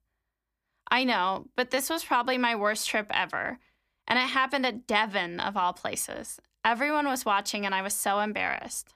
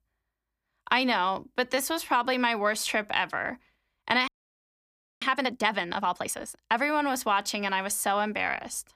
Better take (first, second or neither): first